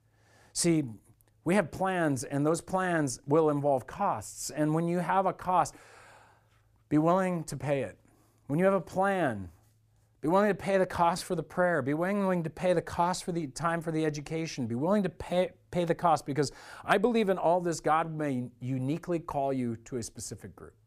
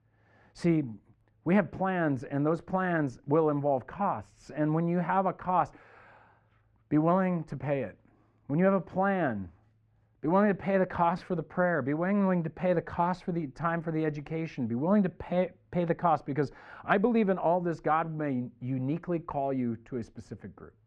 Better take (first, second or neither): first